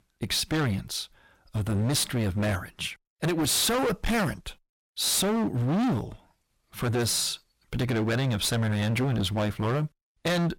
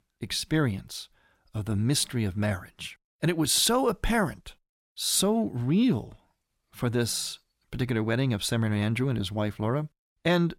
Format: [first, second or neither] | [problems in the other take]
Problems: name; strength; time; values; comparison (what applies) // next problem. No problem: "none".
second | distortion; heavy; 23% of the sound clipped